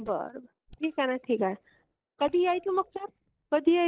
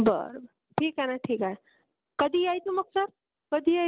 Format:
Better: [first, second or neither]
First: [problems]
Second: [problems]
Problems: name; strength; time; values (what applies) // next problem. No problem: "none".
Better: second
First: noise reduction (neural mask model DeepFilterNet 3)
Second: none